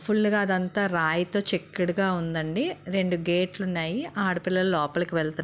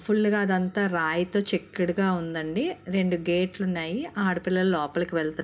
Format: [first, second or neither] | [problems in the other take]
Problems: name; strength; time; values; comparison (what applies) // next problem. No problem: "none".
first | room echo; dies away in 0.3 s